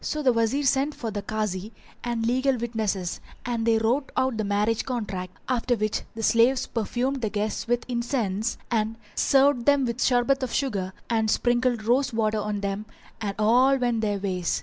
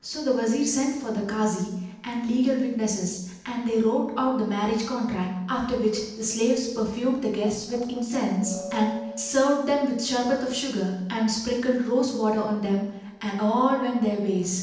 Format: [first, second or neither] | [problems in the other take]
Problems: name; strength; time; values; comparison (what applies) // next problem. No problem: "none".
first | noise reduction (neural separator model SepFormer DNS4)